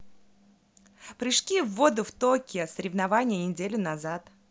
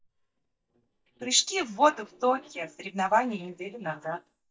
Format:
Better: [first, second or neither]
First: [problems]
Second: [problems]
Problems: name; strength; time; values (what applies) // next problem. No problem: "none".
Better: first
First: none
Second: noise reduction (neural mask model DeepFilterNet 3)